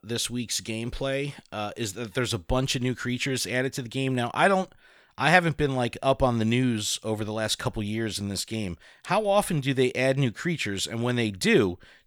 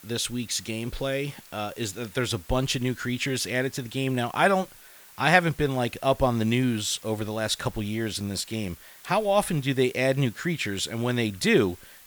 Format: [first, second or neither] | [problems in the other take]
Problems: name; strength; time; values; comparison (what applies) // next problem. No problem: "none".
first | hiss; faint; throughout; 20 dB below the speech